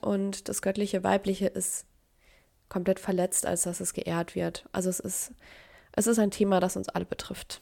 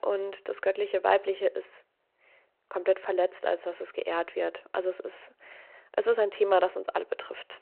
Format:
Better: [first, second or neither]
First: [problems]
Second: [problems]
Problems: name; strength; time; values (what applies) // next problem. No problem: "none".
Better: first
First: none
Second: phone-call audio